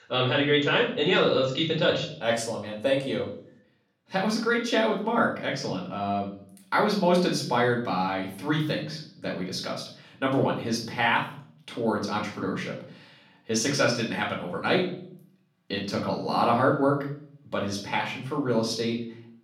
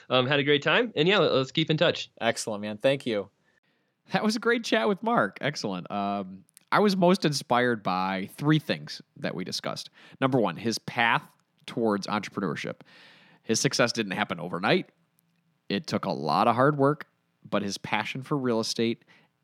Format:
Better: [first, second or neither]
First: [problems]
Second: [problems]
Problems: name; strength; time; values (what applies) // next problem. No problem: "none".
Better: second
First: off-mic speech; far // room echo; slight; dies away in 0.5 s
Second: none